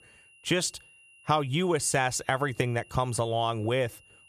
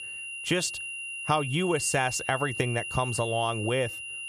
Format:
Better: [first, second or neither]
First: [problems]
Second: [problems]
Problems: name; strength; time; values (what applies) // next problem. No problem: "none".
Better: first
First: high-pitched whine; faint; throughout; 3 kHz, 25 dB below the speech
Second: high-pitched whine; loud; throughout; 3 kHz, 6 dB below the speech